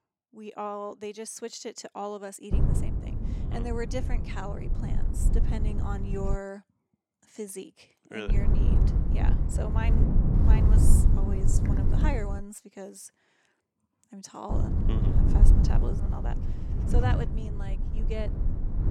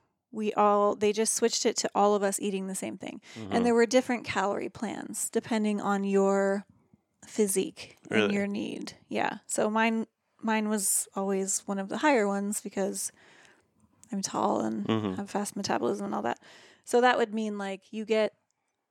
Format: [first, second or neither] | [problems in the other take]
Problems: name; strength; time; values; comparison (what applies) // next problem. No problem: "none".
second | wind noise on the microphone; heavy; from 2.5 to 6.5 s, from 8.5 to 12 s and from 15 s on; 2 dB below the speech